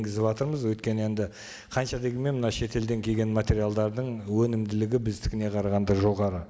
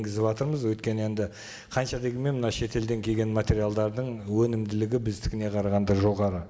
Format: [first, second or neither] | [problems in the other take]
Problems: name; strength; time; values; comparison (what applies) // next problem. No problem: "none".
first | room echo; dies away in 0.4 s